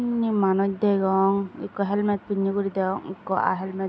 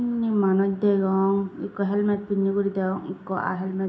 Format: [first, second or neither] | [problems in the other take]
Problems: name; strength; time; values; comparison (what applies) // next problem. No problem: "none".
first | room echo; dies away in 0.4 s